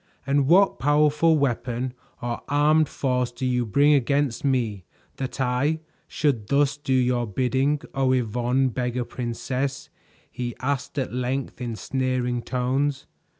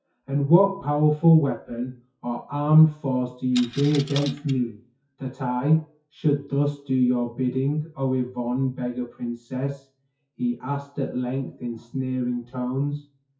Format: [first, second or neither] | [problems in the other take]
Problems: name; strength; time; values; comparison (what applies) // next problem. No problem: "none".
first | noise reduction (classical method WPE with log-MMSE)